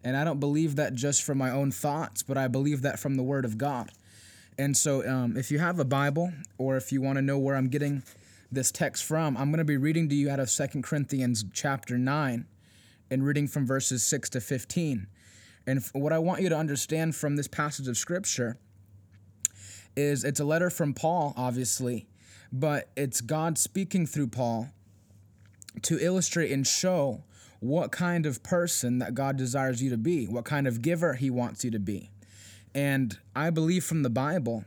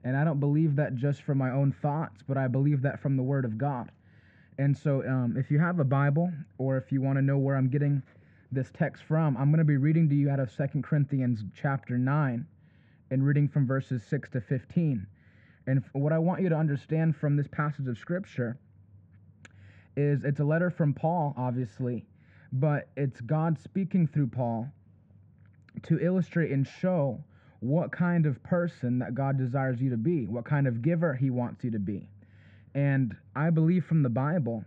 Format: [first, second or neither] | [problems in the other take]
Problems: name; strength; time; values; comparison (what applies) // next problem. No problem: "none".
first | muffled; very; fading above 2 kHz